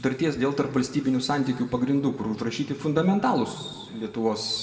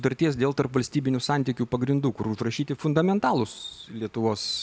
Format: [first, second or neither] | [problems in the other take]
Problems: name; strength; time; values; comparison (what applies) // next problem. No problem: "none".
second | room echo; dies away in 1.7 s